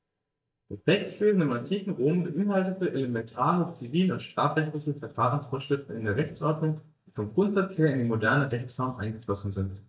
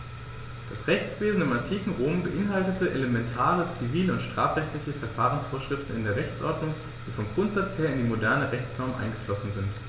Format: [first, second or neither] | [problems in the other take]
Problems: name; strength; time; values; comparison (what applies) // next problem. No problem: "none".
second | noise reduction (neural mask model DeepFilterNet 3)